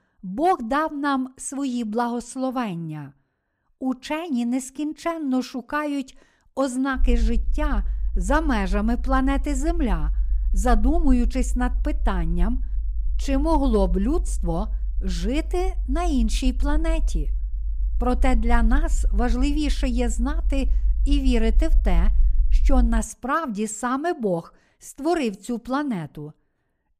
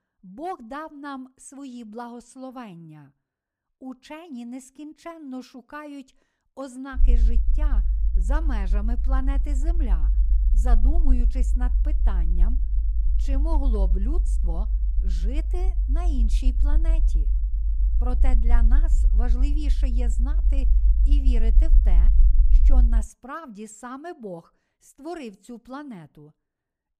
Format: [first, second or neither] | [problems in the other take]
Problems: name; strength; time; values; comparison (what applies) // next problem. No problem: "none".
first | low rumble; loud; from 7 to 23 s; 9 dB below the speech; faint in the first